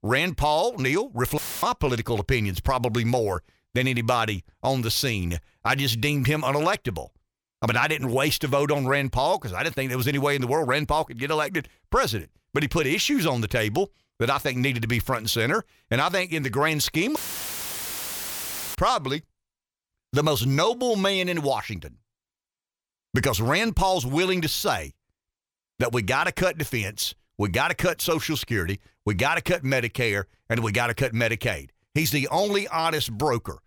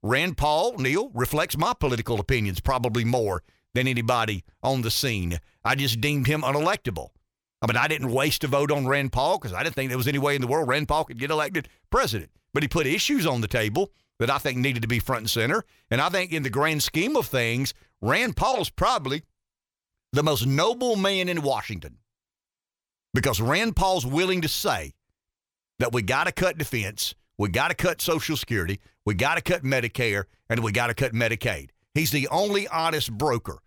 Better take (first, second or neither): second